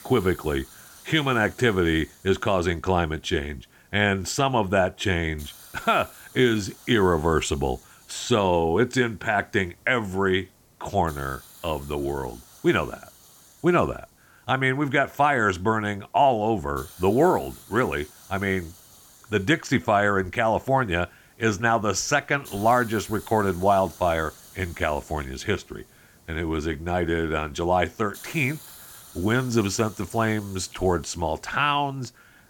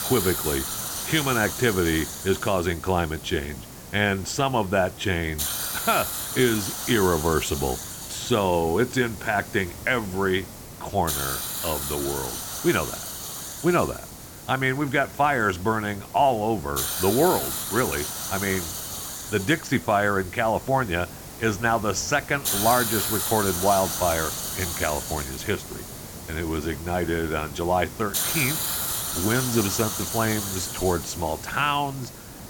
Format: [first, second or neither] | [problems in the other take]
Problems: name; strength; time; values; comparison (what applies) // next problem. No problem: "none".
first | hiss; loud; throughout; 4 dB below the speech; faint in the first